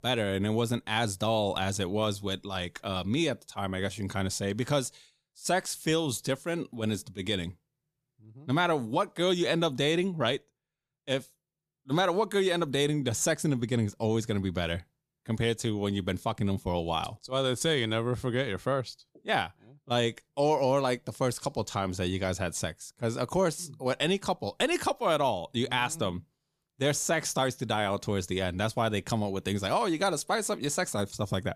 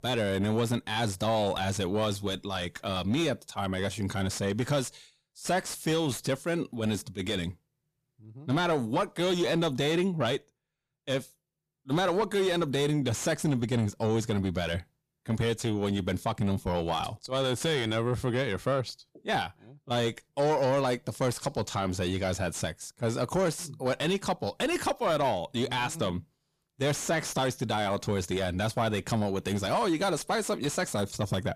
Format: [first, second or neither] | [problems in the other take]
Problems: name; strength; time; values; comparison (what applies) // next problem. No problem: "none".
first | distortion; slight; 9 dB below the speech